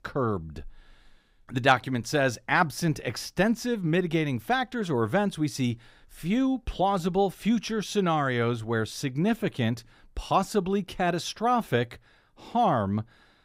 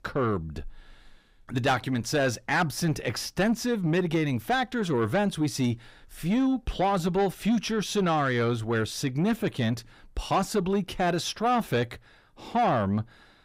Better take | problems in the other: first | distortion; slight; 10 dB below the speech

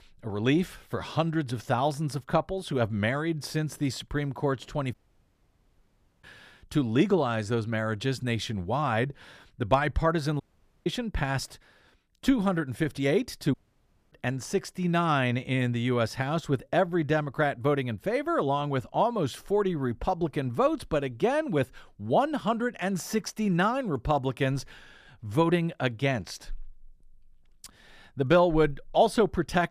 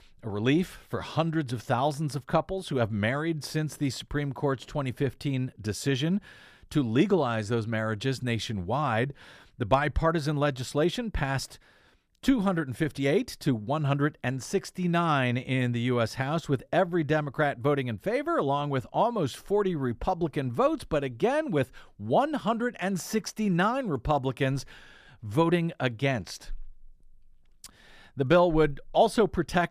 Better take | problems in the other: second | audio cutting out; at 5 s for 1.5 s, at 10 s and at 14 s for 0.5 s

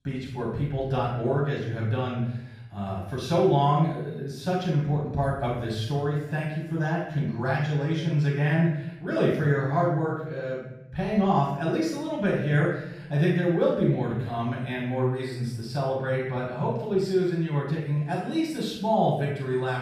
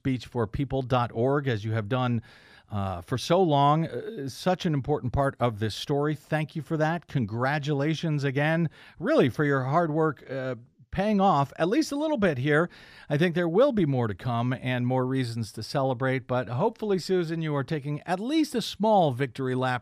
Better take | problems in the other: second | room echo; noticeable; dies away in 0.8 s // off-mic speech; far

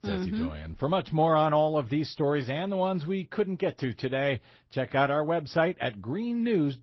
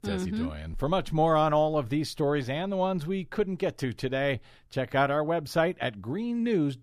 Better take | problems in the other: second | garbled, watery; slightly; nothing above 5.5 kHz

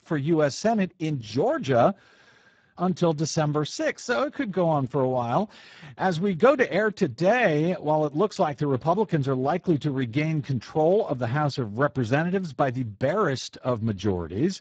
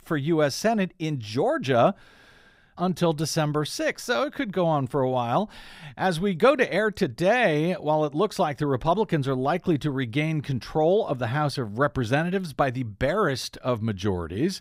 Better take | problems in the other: second | garbled, watery; badly; nothing above 7.5 kHz

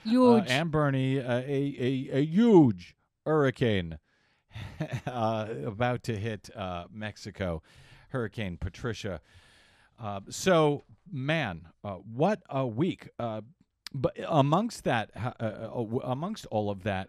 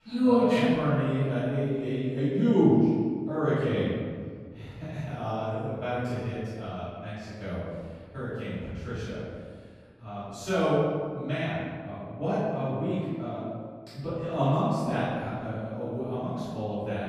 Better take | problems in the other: first | off-mic speech; far // room echo; strong; dies away in 1.8 s

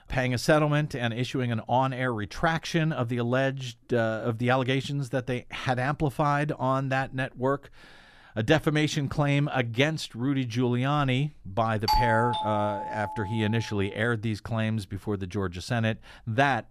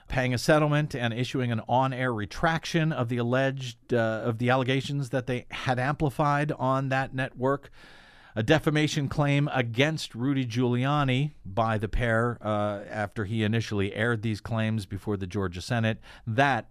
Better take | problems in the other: second | doorbell; loud; from 12 to 13 s; peak 2 dB above the speech

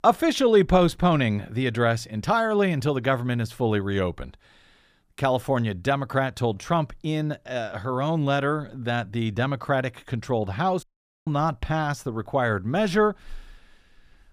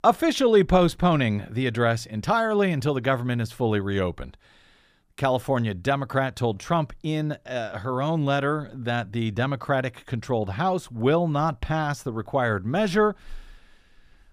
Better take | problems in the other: second | audio cutting out; at 11 s

